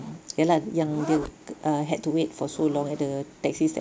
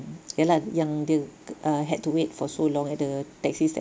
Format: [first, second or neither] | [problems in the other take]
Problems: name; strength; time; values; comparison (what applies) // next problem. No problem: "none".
second | background sound (Zipper (clothing)); 16 dB below the speech